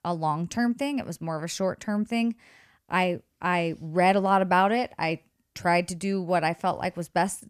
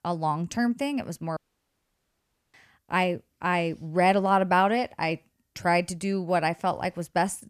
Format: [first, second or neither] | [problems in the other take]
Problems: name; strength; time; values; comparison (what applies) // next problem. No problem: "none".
first | audio cutting out; at 1.5 s for 1 s